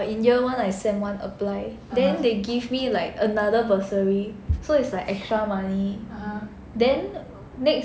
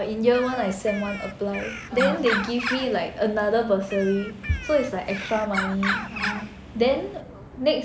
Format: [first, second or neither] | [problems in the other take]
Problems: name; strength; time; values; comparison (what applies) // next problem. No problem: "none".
first | background sound (Bird); 8 dB below the speech